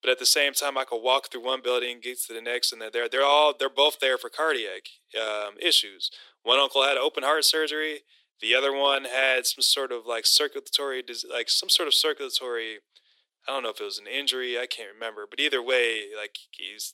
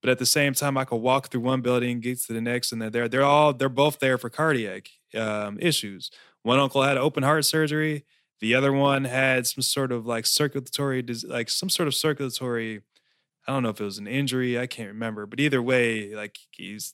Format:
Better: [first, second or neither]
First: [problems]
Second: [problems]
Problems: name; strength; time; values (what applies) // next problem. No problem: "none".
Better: second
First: thin; very; fading below 350 Hz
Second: none